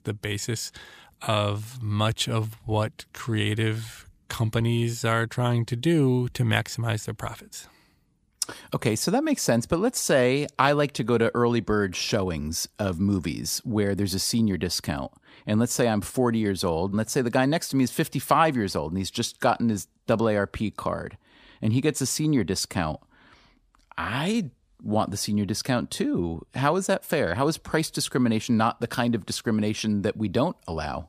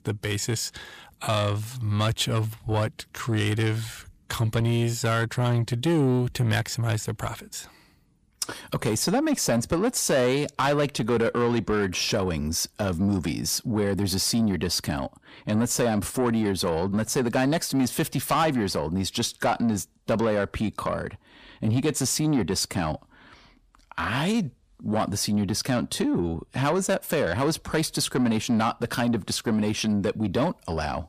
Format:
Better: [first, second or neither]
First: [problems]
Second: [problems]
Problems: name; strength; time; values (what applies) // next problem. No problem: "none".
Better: first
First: none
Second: distortion; slight; 10 dB below the speech